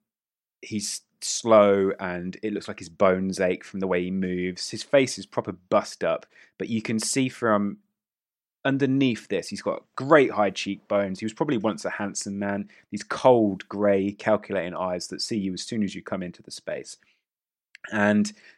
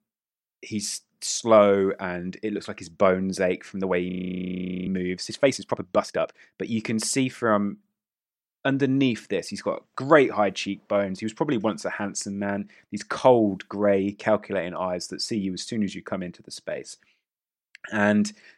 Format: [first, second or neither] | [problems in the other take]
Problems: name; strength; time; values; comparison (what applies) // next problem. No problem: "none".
first | audio freezing; at 4 s for 1 s